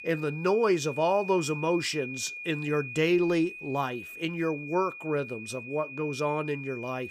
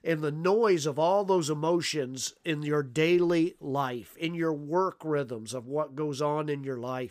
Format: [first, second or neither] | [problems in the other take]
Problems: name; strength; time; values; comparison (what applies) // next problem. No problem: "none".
second | high-pitched whine; loud; throughout; 2.5 kHz, 10 dB below the speech